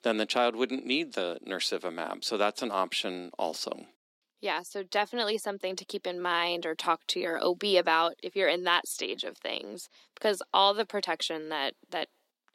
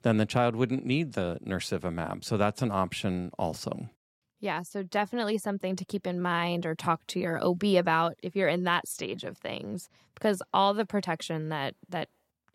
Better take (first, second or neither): second